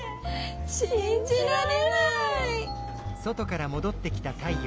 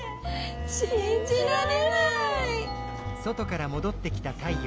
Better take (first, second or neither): first